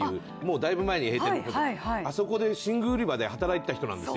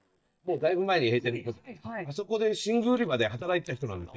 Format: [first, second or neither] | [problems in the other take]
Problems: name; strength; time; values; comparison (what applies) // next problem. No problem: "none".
first | noise reduction (neural mask model DeepFilterNet 3)